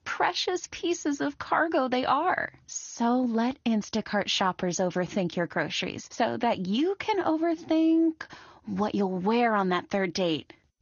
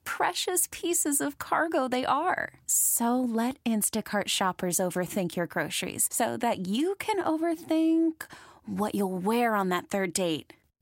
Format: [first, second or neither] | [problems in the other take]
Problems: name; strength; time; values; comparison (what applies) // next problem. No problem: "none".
second | garbled, watery; slightly; nothing above 6.5 kHz